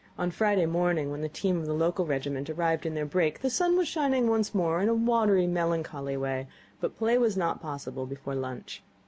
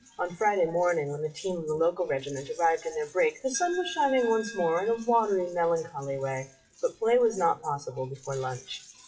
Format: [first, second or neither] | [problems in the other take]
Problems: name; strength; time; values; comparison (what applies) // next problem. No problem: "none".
first | noise reduction (classical method WPE with log-MMSE)